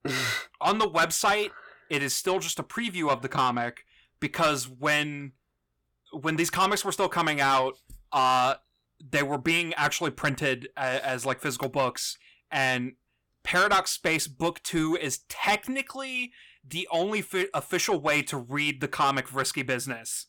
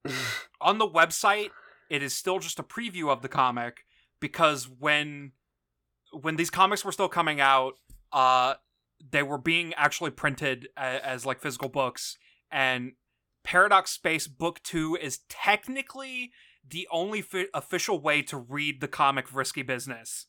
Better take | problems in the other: second | distortion; heavy; 8 dB below the speech

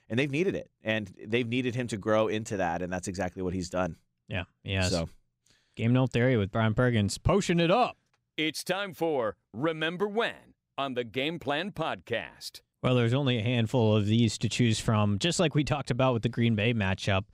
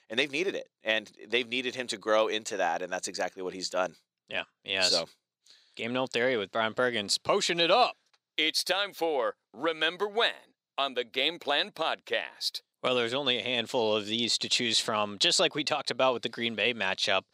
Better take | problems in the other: first | thin; somewhat; fading below 450 Hz

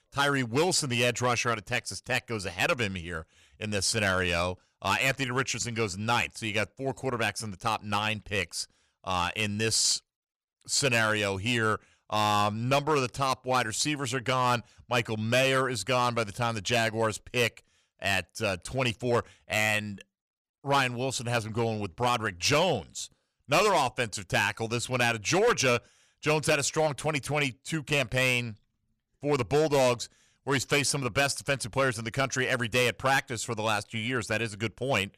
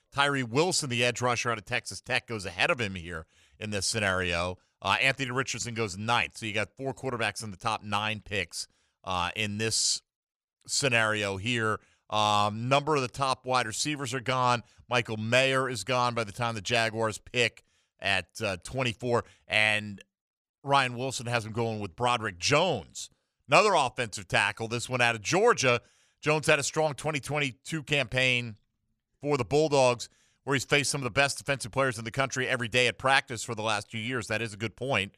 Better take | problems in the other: second | distortion; slight; 4% of the sound clipped

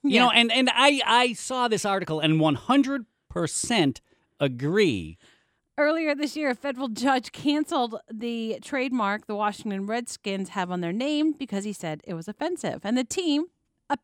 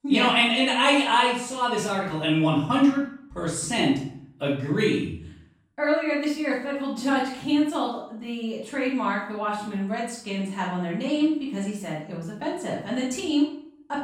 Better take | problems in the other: first | off-mic speech; far // room echo; noticeable; dies away in 0.5 s

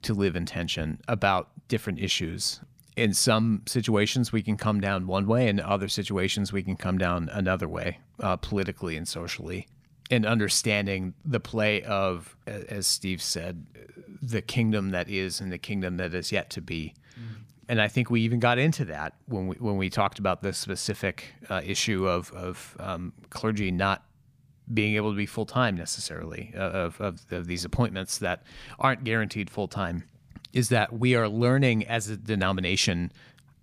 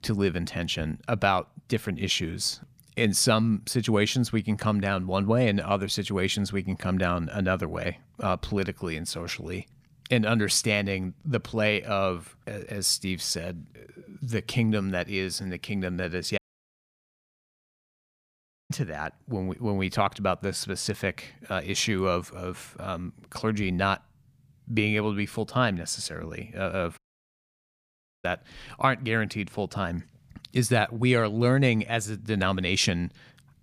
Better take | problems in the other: first | audio cutting out; at 16 s for 2.5 s and at 27 s for 1.5 s

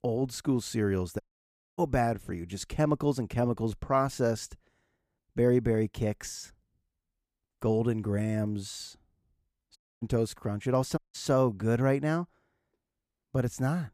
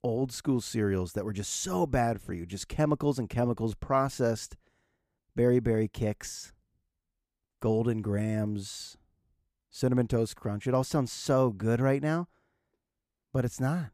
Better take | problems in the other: second | audio cutting out; at 1 s for 0.5 s, at 10 s and at 11 s

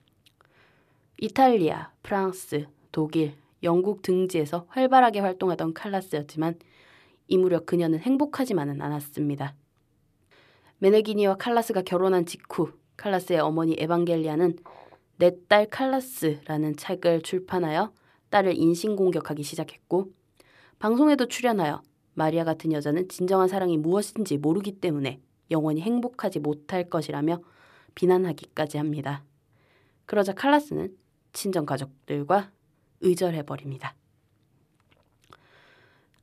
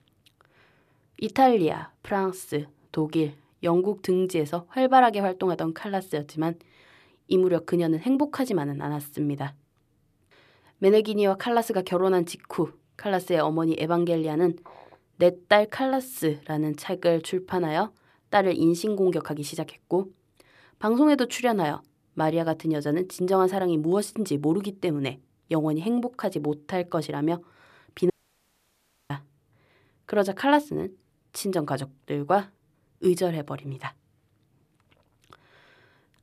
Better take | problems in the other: first | audio cutting out; at 28 s for 1 s

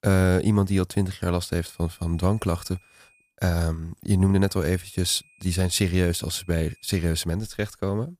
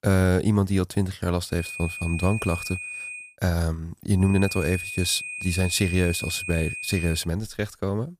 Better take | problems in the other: first | high-pitched whine; loud; from 1.5 to 3 s and from 4.5 to 7 s; 2.5 kHz, 7 dB below the speech; faint in the first

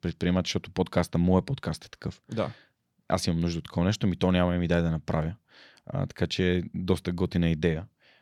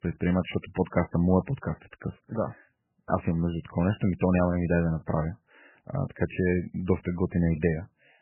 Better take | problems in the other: first | garbled, watery; badly; nothing above 3 kHz

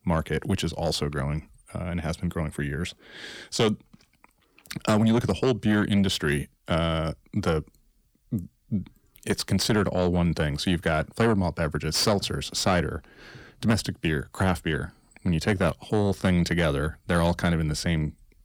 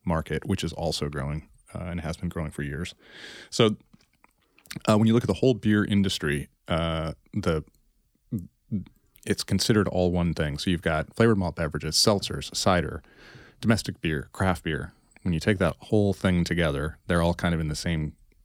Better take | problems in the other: second | distortion; slight; 10 dB below the speech

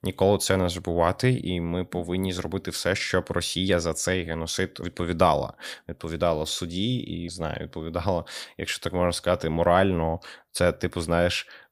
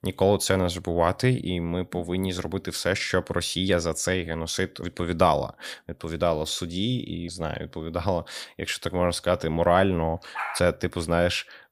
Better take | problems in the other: first | dog barking; noticeable; at 10 s; peak 6 dB below the speech

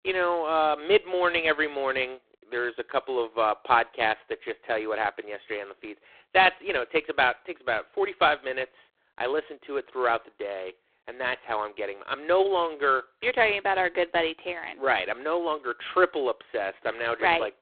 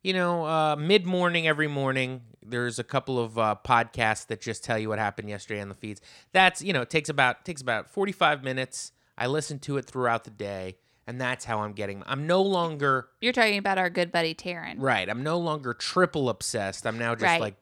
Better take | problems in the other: second | phone-call audio; poor line

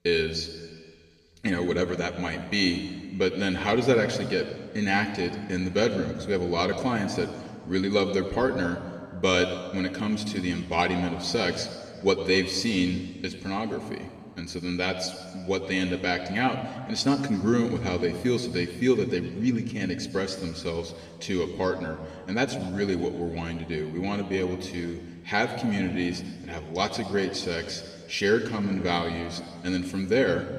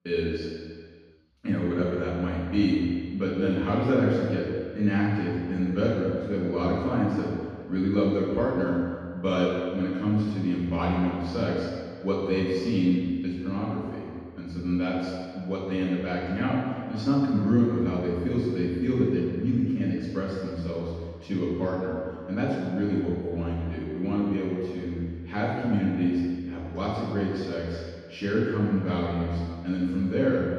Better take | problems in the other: first | room echo; strong; dies away in 1.8 s; slight in the first // off-mic speech; far; somewhat distant in the first

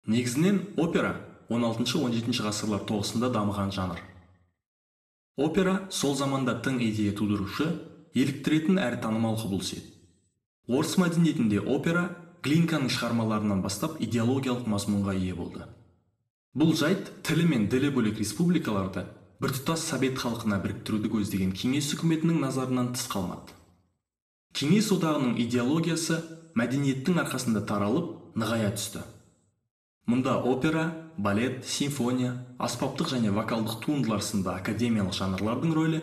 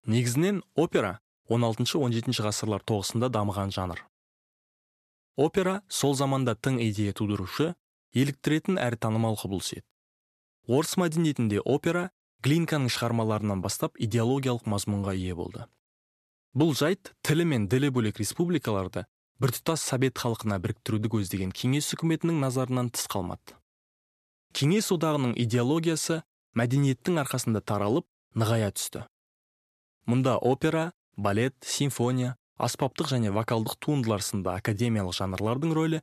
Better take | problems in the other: second | room echo; slight; dies away in 0.7 s // off-mic speech; somewhat distant

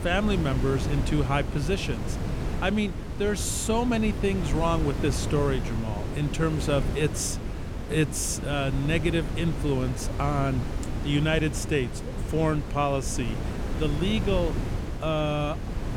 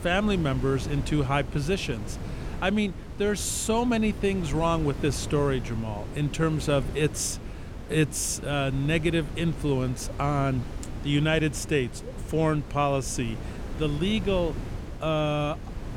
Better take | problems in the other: second | wind noise on the microphone; heavy; 9 dB below the speech; occasional gusts in the second

